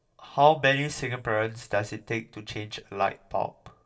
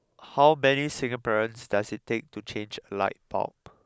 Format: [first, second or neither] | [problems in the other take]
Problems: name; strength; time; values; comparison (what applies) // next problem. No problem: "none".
second | room echo; dies away in 0.2 s